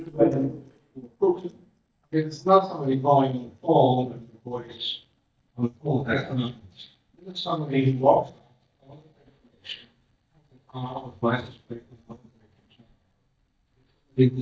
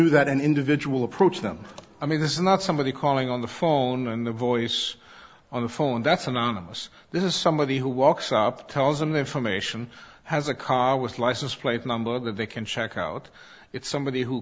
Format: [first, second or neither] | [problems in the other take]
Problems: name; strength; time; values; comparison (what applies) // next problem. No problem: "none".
second | noise reduction (neural mask model DeepFilterNet 3)